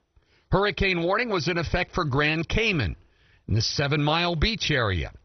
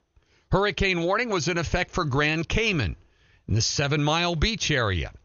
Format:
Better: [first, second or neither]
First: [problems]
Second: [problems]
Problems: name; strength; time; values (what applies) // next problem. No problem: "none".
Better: second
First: garbled, watery; badly; nothing above 6 kHz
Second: garbled, watery; slightly; nothing above 6.5 kHz